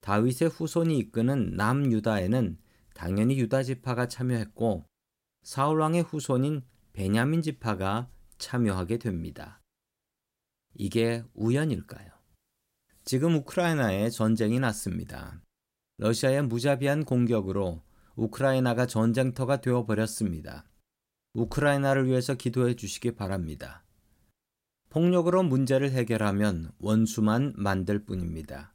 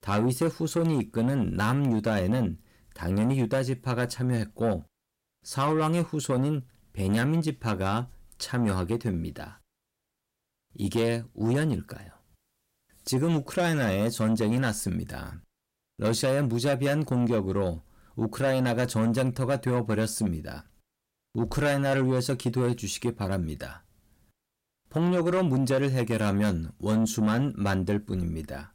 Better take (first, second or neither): first